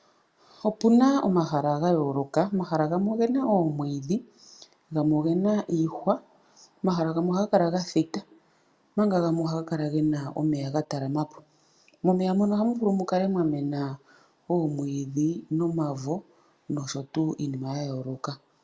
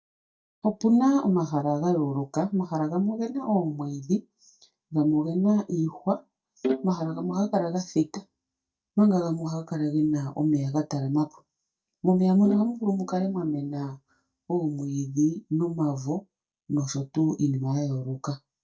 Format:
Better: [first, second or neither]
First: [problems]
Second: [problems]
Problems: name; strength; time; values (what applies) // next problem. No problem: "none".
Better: first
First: none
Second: noise reduction (neural mask model DeepFilterNet 3)